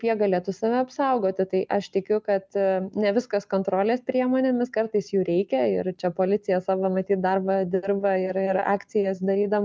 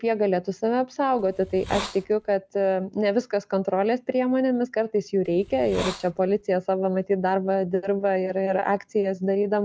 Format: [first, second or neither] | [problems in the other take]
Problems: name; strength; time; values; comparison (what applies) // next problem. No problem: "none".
first | background sound (Hiss); 12 dB below the speech